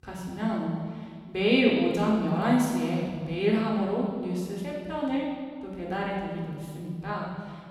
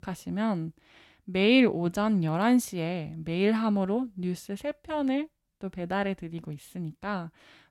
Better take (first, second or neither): second